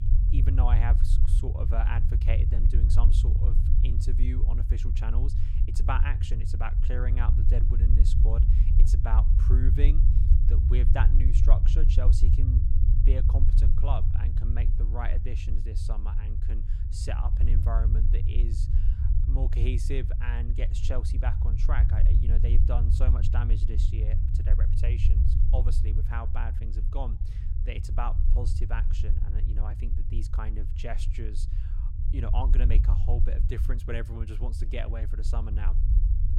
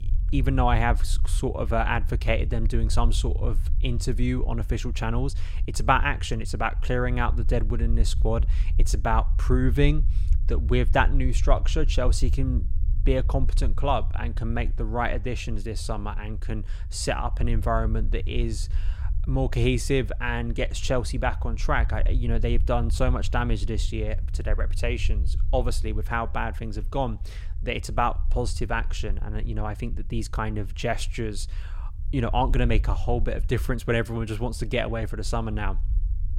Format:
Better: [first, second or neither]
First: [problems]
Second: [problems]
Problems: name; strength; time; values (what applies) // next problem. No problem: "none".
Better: second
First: low rumble; loud; throughout; 4 dB below the speech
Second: low rumble; faint; throughout; 20 dB below the speech